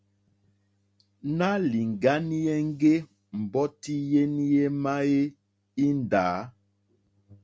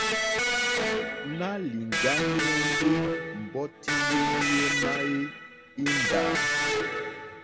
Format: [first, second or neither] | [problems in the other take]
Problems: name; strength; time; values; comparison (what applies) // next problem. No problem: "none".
first | background sound (Electric guitar); 4 dB above the speech